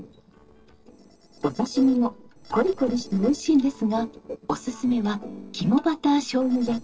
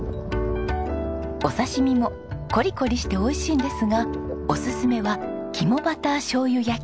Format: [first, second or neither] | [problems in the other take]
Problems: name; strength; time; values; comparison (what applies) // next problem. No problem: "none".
second | noise reduction (neural separator model SepFormer DNS4)